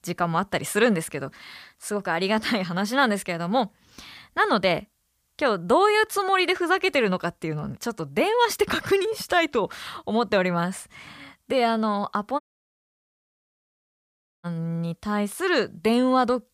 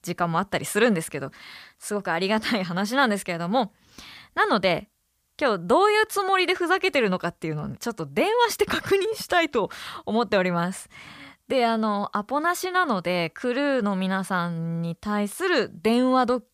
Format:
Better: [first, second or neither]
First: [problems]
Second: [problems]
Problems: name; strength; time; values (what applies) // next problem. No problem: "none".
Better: second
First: audio cutting out; at 12 s for 2 s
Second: none